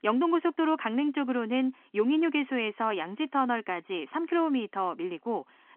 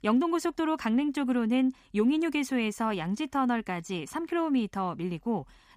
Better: second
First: phone-call audio; nothing above 3 kHz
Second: none

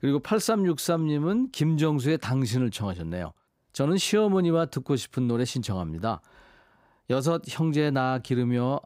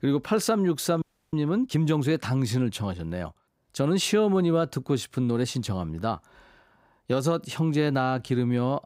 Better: first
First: none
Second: audio freezing; at 1 s

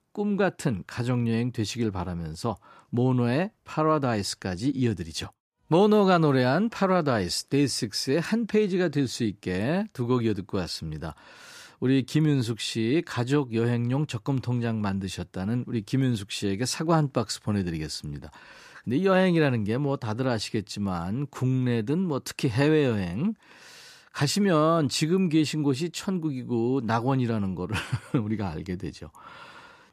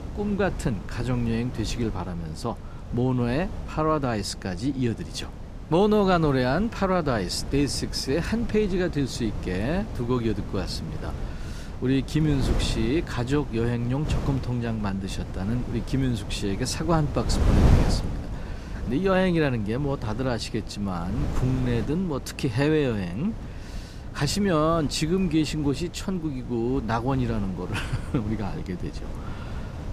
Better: first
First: none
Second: wind noise on the microphone; occasional gusts; 10 dB below the speech

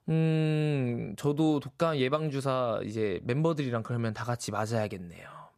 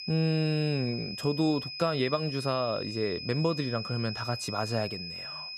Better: first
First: none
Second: high-pitched whine; loud; throughout; 5 kHz, 7 dB below the speech

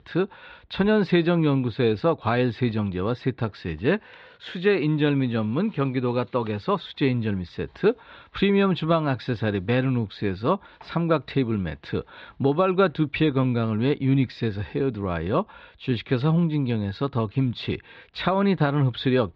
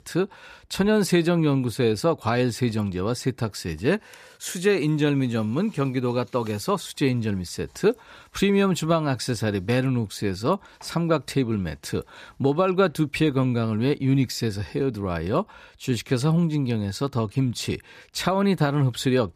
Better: second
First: muffled; slightly; fading above 3.5 kHz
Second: none

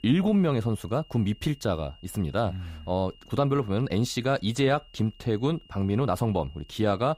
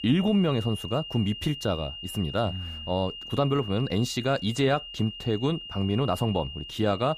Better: first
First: high-pitched whine; faint; throughout; 3 kHz, 25 dB below the speech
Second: high-pitched whine; loud; throughout; 3 kHz, 10 dB below the speech

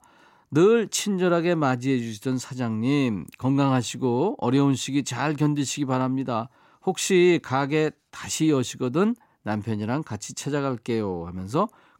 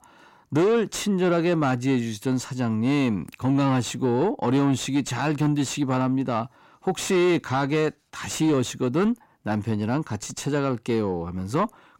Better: first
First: none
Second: distortion; slight; 10 dB below the speech

